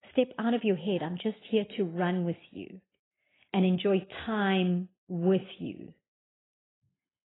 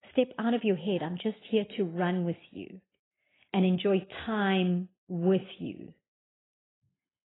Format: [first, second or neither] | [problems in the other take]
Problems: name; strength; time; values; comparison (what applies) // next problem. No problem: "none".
neither | garbled, watery; badly; nothing above 3.5 kHz; the same in both